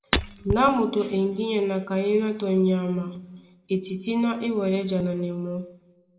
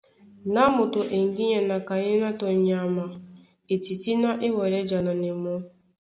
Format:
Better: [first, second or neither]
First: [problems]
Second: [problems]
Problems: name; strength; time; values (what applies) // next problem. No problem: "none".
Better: second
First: background sound (Shatter); 5 dB below the speech // room echo; dies away in 0.6 s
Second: none